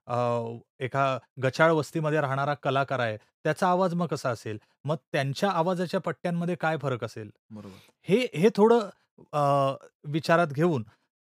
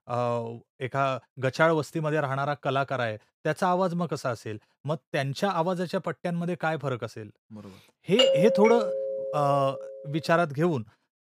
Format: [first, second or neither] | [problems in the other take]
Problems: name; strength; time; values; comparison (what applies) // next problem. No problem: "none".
first | doorbell; loud; from 8 to 9.5 s; peak 5 dB above the speech